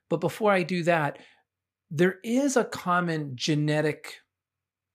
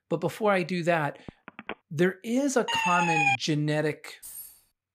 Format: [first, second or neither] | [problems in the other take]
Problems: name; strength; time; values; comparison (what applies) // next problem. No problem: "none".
first | phone ringing; faint; at 1.5 s; peak 15 dB below the speech // siren; loud; at 2.5 s; peak 4 dB above the speech // jangling keys; faint; at 4 s; peak 15 dB below the speech